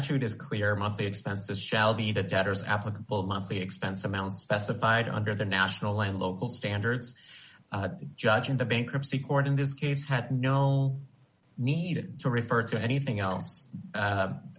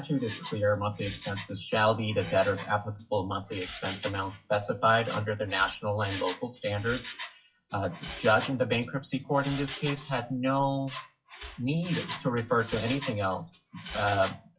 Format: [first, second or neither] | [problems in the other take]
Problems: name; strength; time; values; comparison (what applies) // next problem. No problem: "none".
first | noise reduction (classical method WPE with log-MMSE)